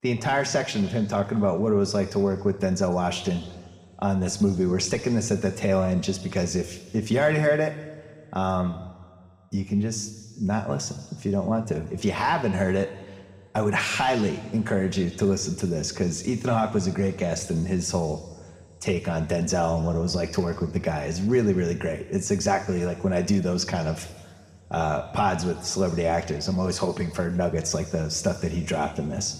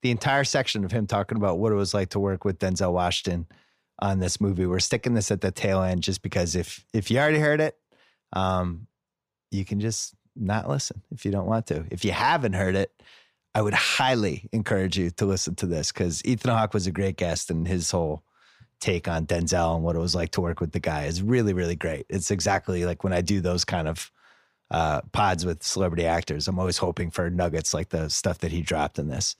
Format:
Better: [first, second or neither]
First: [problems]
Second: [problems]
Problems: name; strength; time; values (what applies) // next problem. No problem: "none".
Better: second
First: room echo; slight; dies away in 1.5 s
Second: none